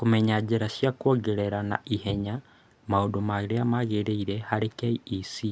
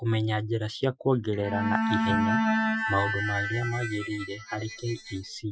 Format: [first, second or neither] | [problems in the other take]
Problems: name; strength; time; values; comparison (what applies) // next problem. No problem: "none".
first | noise reduction (classical method Wiener filter)